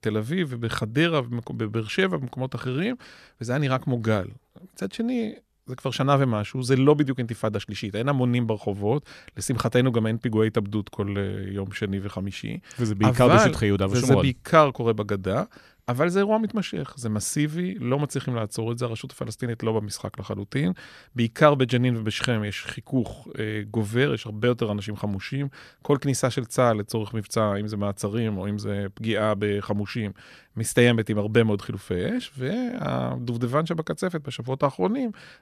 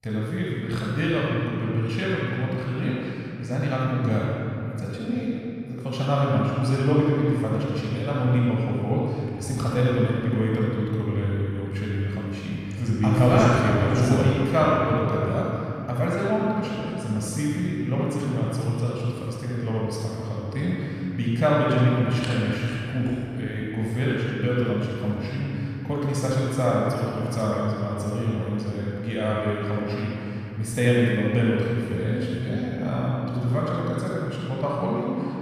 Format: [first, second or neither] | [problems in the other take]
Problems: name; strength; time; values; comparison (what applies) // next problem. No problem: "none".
first | off-mic speech; far // room echo; strong; dies away in 3 s